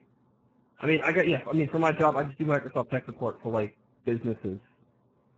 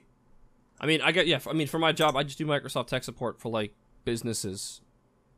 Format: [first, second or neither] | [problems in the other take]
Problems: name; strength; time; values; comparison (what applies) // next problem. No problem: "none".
second | garbled, watery; badly; nothing above 7.5 kHz